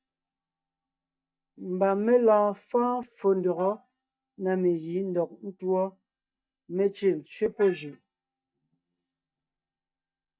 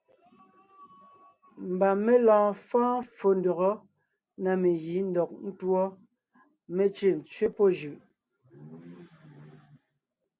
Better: second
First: noise reduction (neural mask model DeepFilterNet 3)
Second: none

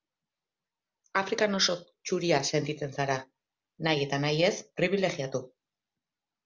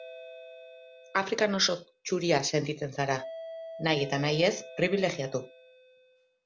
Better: first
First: none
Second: background sound (Doorbell); 16 dB below the speech

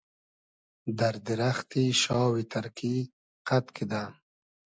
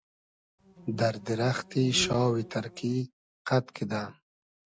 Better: first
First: none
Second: background sound (Insect); 13 dB below the speech

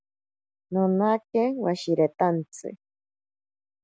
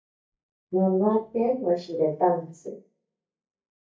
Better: first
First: none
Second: noise reduction (neural mask model DeepFilterNet 3)

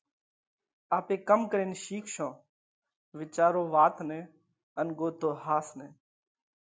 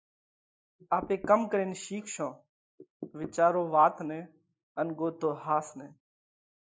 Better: first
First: none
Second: noise reduction (neural mask model Resemble Enhance denoiser)

